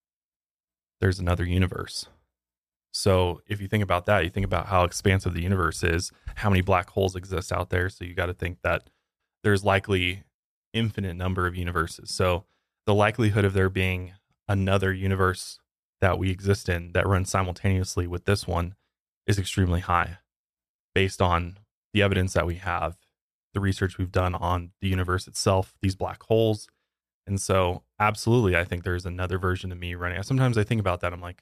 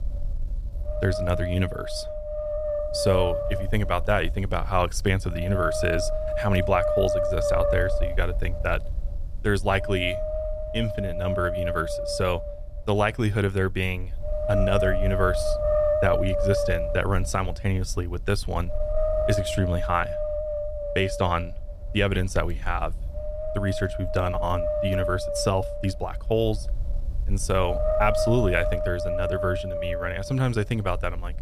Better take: first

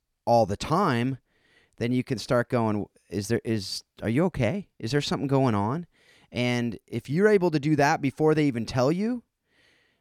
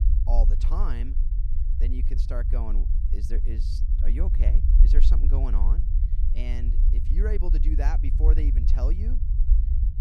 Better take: first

